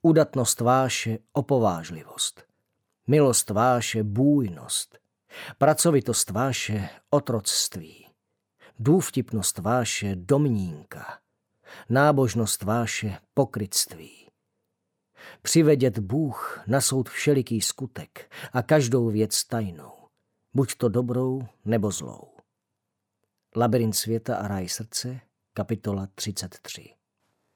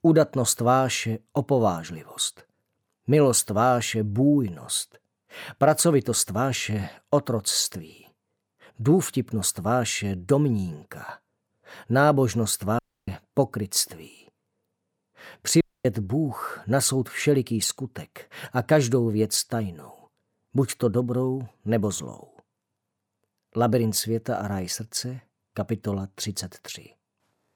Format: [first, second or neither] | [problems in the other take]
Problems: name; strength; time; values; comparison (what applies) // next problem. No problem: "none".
first | audio cutting out; at 13 s and at 16 s